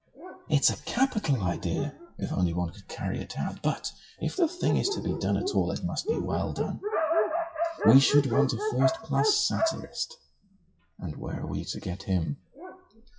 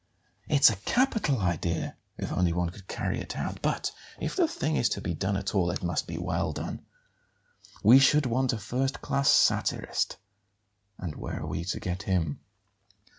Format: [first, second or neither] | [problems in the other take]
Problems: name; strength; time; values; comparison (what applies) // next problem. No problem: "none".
second | noise reduction (classical method WPE with log-MMSE)